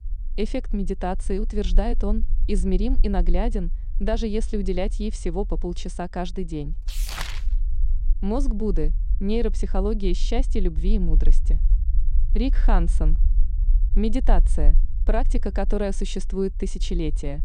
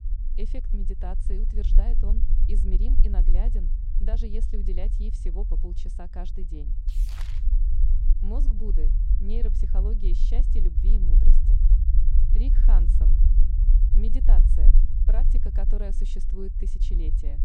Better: first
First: low rumble; faint; throughout; 20 dB below the speech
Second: low rumble; loud; throughout; 4 dB below the speech

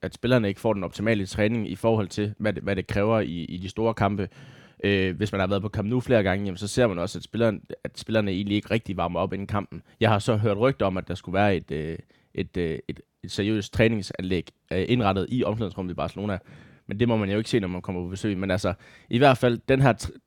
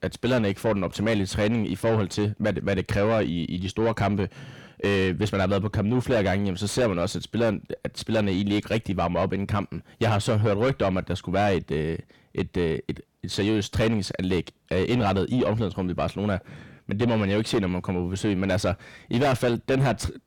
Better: first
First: none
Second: distortion; heavy; 7 dB below the speech

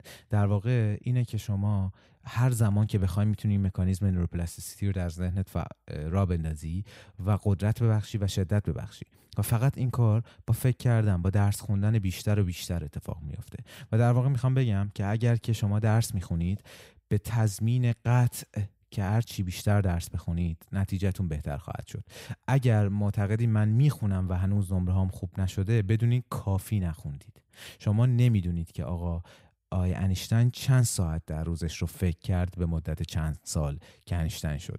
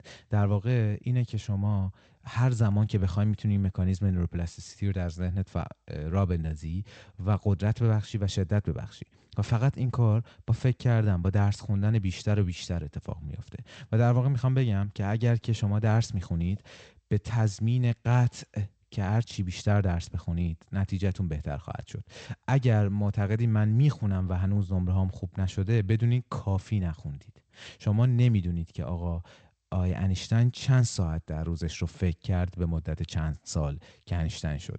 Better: first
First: none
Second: garbled, watery; slightly; nothing above 8 kHz

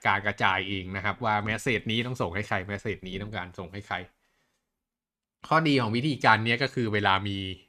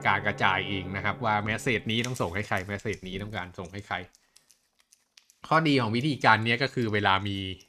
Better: first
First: none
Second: background music; noticeable; throughout; 15 dB below the speech

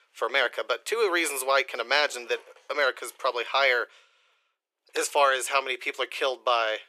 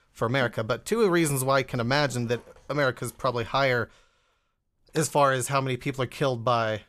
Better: second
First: thin; very; fading below 400 Hz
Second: none

